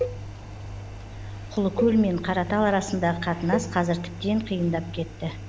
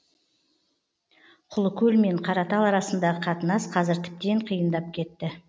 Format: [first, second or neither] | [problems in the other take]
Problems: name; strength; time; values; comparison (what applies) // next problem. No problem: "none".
second | background sound (Cowbell + Engine); 8 dB below the speech